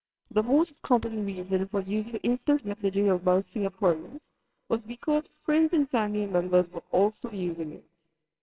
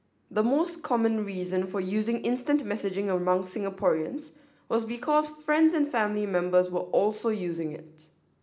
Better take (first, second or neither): second